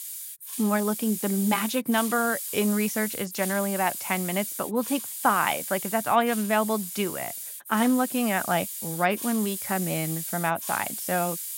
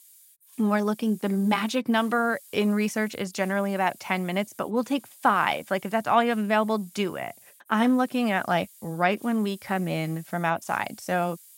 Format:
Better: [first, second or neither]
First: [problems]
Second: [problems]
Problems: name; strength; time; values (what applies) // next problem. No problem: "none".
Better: second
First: hiss; loud; throughout; 6 dB below the speech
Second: hiss; faint; throughout; 25 dB below the speech